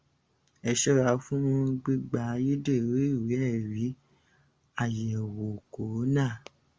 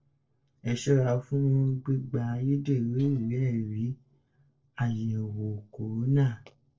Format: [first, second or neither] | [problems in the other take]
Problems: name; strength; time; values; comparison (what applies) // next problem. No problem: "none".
first | noise reduction (neural separator model SepFormer DNS4)